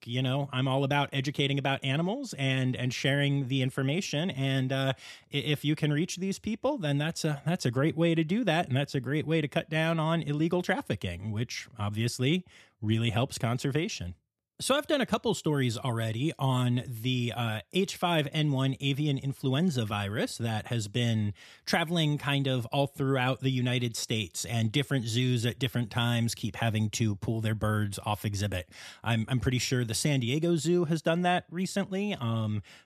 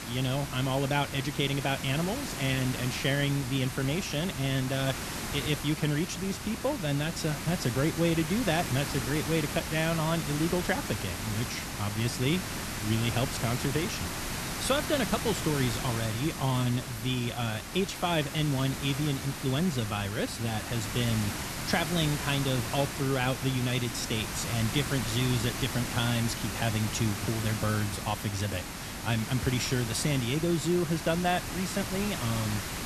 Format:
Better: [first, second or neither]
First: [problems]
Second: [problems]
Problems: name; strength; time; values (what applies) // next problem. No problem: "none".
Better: first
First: none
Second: hiss; loud; throughout; 5 dB below the speech